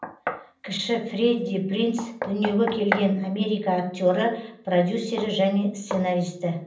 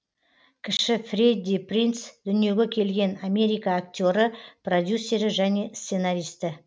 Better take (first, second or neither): second